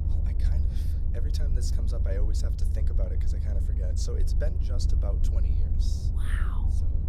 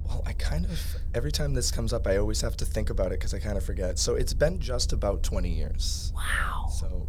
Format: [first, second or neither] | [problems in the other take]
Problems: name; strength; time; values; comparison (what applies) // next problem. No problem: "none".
second | low rumble; loud; throughout; 3 dB below the speech; faint in the second